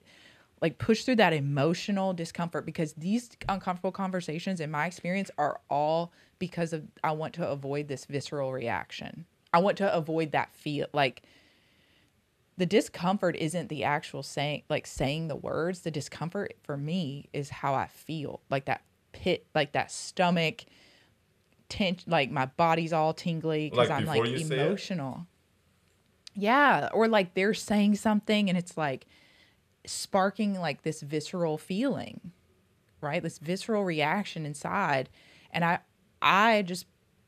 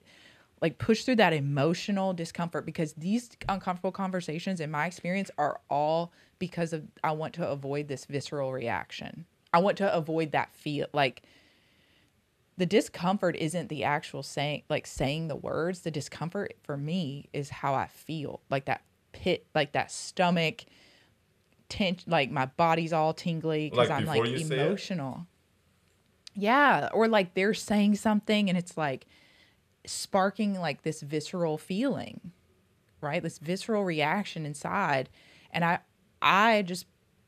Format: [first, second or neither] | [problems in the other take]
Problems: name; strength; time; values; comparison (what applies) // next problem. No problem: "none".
neither | none